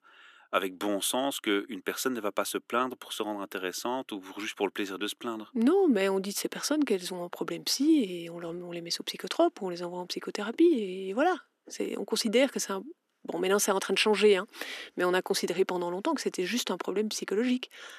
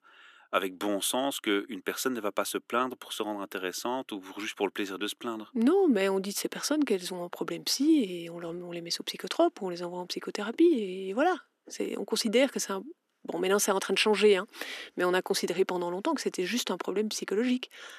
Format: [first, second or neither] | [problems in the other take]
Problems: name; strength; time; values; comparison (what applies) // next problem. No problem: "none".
neither | thin; very slightly; fading below 300 Hz; the same in both